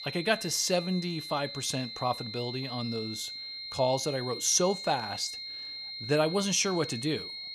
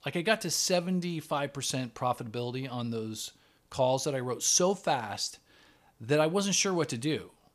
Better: second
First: high-pitched whine; loud; throughout; 4 kHz, 8 dB below the speech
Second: none

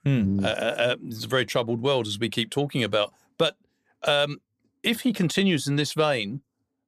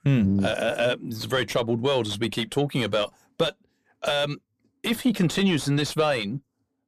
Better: first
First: none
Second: distortion; slight; 10 dB below the speech

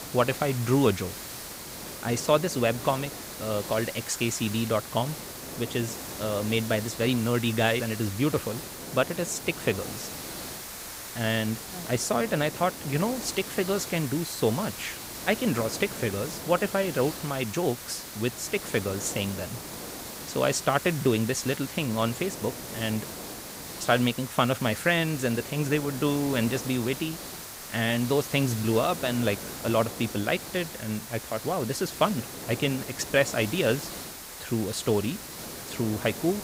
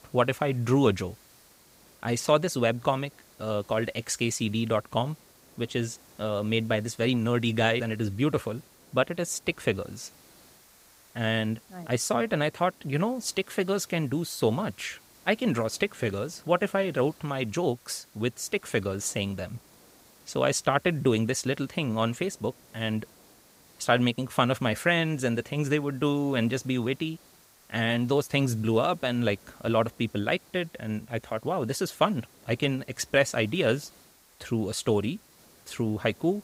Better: second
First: hiss; loud; throughout; 9 dB below the speech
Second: hiss; faint; throughout; 25 dB below the speech

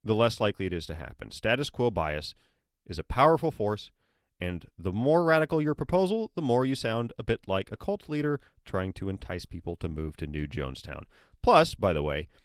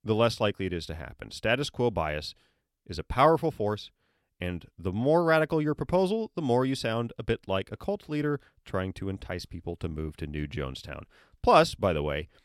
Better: second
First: garbled, watery; slightly; nothing above 15.5 kHz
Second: none

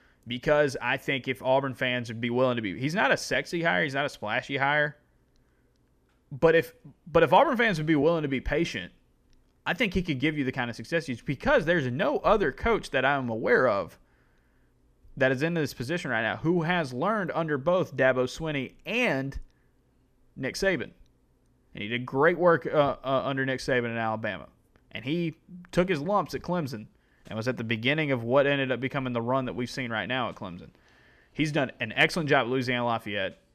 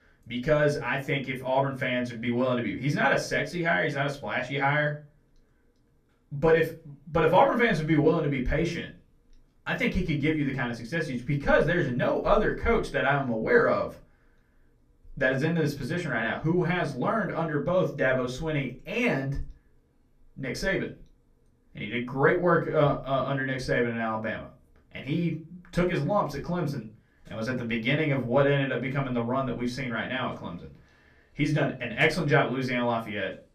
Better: first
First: none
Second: off-mic speech; far // room echo; very slight; dies away in 0.2 s

